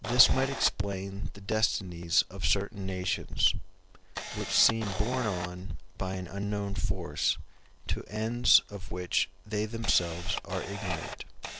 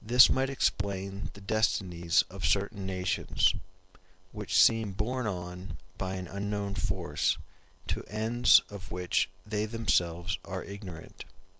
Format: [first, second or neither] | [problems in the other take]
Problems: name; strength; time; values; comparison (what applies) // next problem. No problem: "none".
second | background sound (Camera); 13 dB below the speech